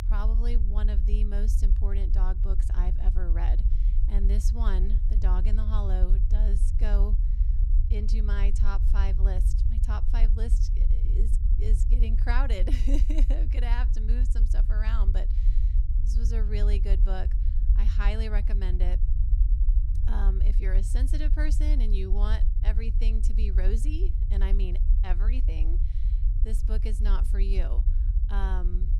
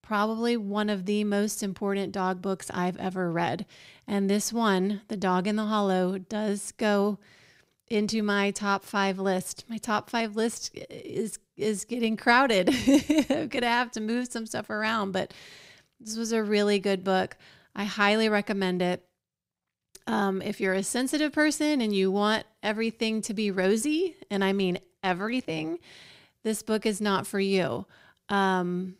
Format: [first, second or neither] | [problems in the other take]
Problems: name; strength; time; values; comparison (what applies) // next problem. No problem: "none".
second | low rumble; loud; throughout; 7 dB below the speech